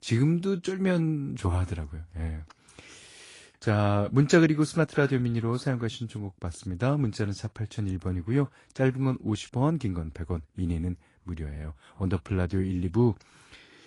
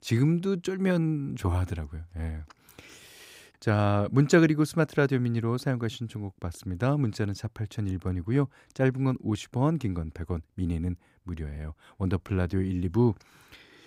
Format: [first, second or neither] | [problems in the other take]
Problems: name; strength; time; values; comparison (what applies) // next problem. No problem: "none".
second | garbled, watery; slightly; nothing above 11 kHz